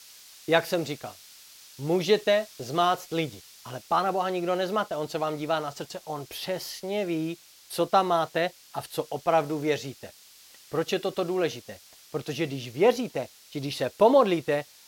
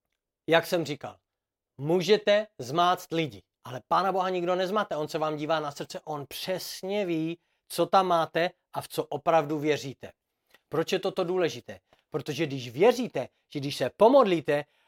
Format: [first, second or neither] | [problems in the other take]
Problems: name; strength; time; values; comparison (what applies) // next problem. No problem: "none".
second | hiss; faint; throughout; 20 dB below the speech